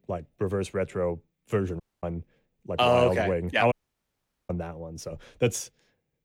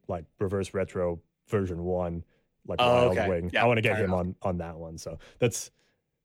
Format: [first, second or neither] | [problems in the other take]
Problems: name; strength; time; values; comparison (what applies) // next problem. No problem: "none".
second | audio cutting out; at 2 s and at 3.5 s for 1 s